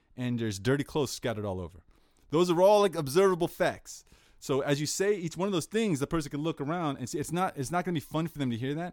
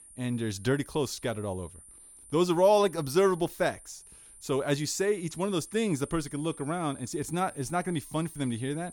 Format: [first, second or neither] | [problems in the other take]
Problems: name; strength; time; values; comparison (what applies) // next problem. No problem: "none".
first | high-pitched whine; noticeable; throughout; 9 kHz, 20 dB below the speech